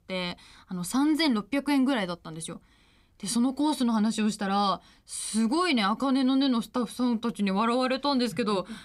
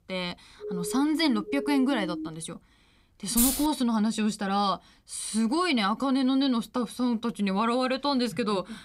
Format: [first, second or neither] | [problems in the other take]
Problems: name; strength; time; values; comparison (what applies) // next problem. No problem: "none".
first | siren; noticeable; from 0.5 to 2.5 s; peak 8 dB below the speech // jangling keys; loud; at 3.5 s; peak 2 dB above the speech